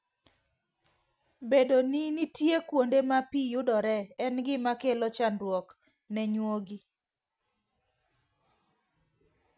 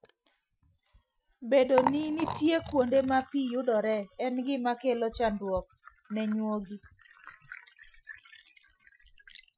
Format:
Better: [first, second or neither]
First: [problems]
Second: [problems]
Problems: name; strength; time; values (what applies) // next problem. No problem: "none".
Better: first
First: none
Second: noise reduction (classical method Wiener filter)